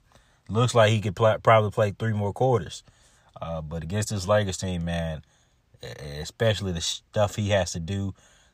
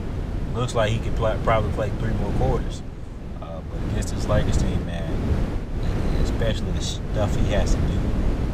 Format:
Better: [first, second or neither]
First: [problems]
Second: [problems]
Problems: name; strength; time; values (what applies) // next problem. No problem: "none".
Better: first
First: none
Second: wind noise on the microphone; heavy; 6 dB below the speech